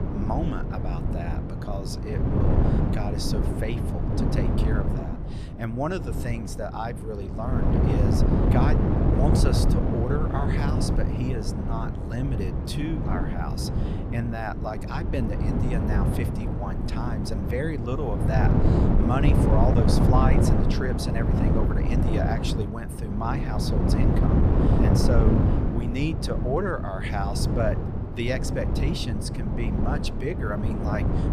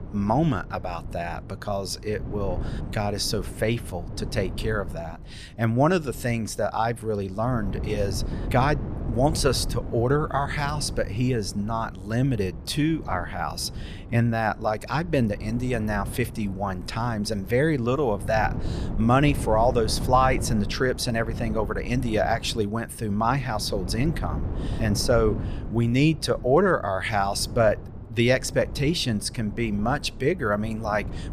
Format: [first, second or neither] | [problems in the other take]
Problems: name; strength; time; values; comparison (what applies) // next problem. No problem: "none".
second | wind noise on the microphone; heavy; as loud as the speech; occasional gusts in the second